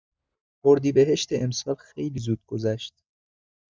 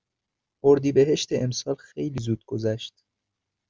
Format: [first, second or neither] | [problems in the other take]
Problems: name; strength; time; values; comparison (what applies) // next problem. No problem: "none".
second | noise reduction (neural mask model DeepFilterNet 3)